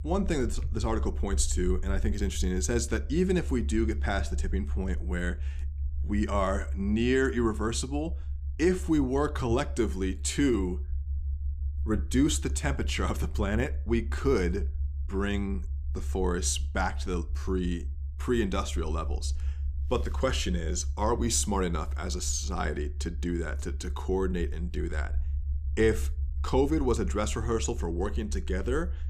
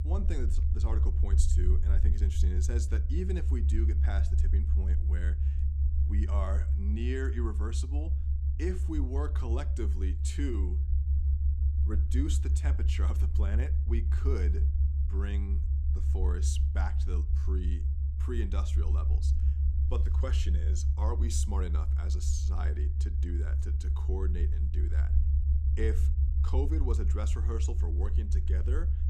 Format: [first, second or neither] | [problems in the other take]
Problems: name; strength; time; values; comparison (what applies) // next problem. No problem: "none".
first | low rumble; loud; throughout; 4 dB below the speech; faint in the first